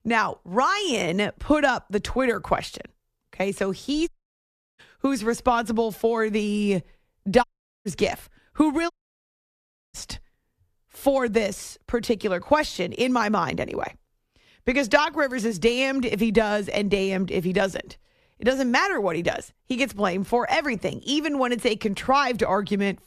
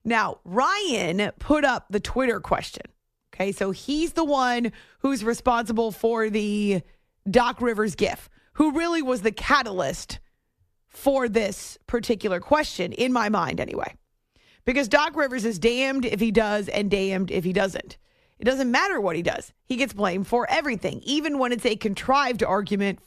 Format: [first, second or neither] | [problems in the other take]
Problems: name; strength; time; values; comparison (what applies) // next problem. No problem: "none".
second | audio cutting out; at 4 s for 0.5 s, at 7.5 s and at 9 s for 1 s